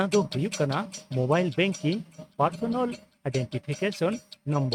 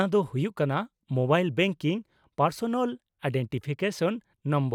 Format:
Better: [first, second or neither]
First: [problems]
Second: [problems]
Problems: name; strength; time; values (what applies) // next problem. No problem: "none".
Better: second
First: noise reduction (neural mask model RNNoise)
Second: none